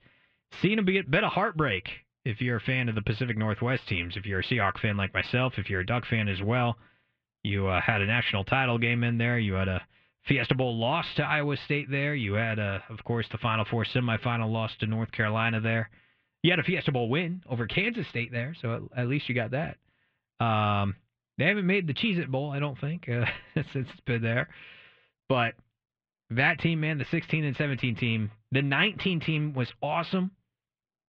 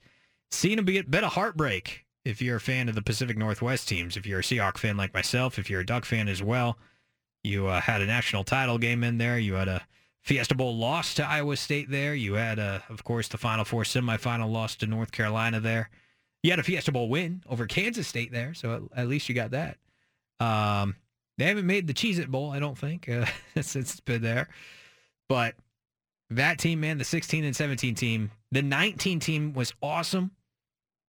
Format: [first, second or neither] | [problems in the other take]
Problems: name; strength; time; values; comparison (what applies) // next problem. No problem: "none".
second | muffled; very; fading above 3.5 kHz